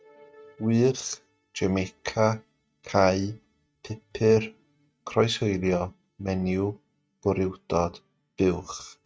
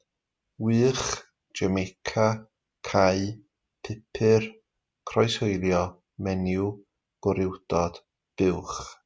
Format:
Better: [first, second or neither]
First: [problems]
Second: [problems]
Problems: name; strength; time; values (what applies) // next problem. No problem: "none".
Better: second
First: noise reduction (neural mask model RNNoise)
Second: none